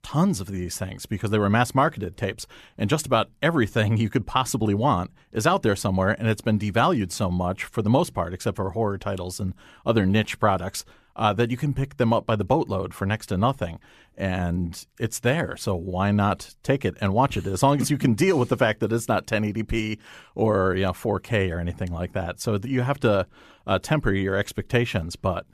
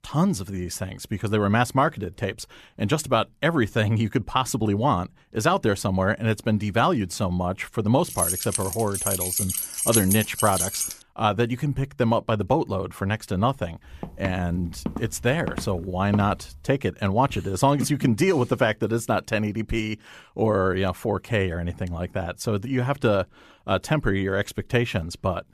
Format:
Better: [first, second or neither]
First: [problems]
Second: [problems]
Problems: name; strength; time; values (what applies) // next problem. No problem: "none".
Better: first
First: none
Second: jangling keys; loud; from 8 to 11 s; peak 3 dB above the speech // footsteps; noticeable; from 14 to 17 s; peak 9 dB below the speech